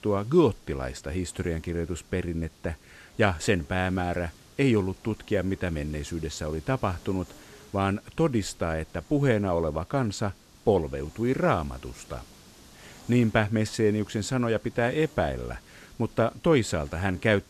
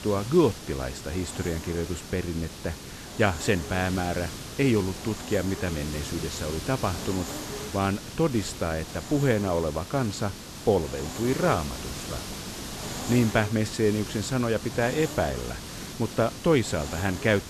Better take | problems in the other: first | hiss; loud; throughout; 9 dB below the speech; faint in the first

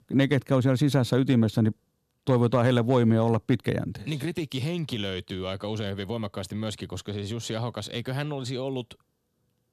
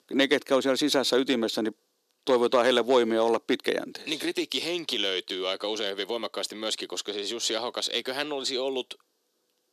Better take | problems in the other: first | thin; somewhat; fading below 350 Hz

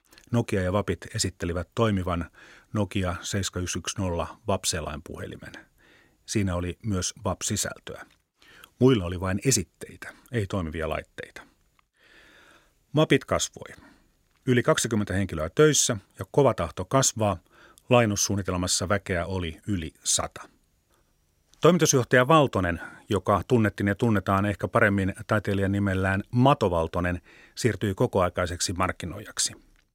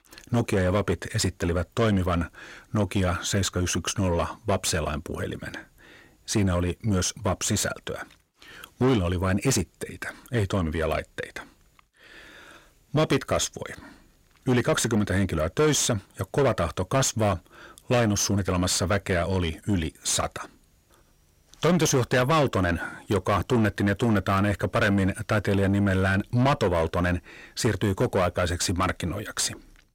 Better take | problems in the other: first | distortion; heavy; 7 dB below the speech

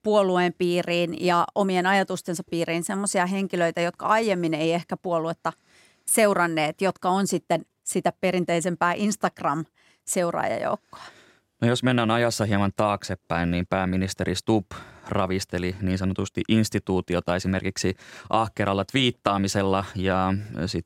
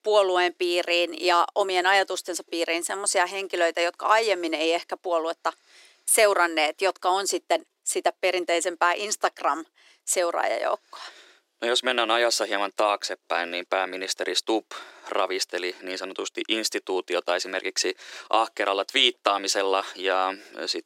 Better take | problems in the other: first | thin; very; fading below 350 Hz

